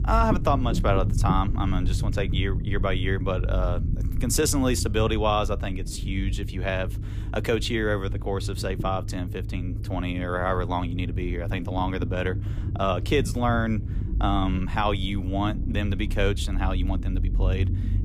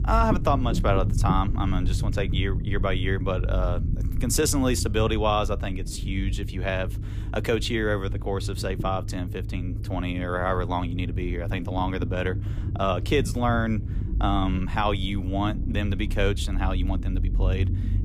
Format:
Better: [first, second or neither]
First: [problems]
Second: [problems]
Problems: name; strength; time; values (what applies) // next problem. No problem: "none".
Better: neither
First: low rumble; noticeable; throughout; 15 dB below the speech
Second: low rumble; noticeable; throughout; 15 dB below the speech